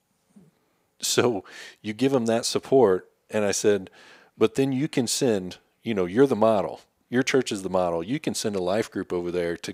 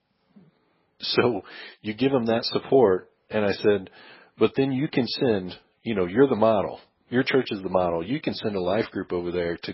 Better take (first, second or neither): first